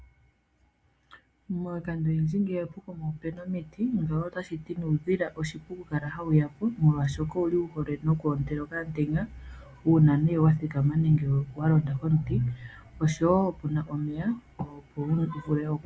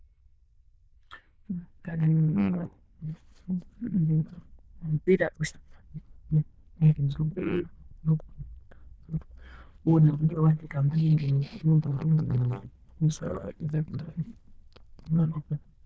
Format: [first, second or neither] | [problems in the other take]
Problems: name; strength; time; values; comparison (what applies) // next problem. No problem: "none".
first | noise reduction (neural diffusion model UNIVERSE++)